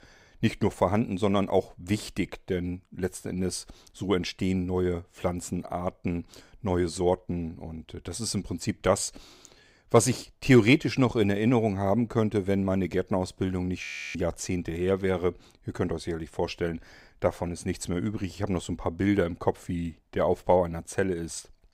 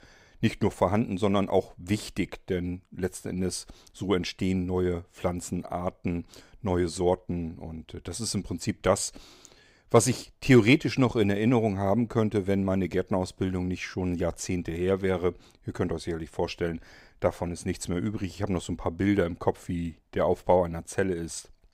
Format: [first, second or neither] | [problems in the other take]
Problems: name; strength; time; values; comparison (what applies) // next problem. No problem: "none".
second | audio freezing; at 14 s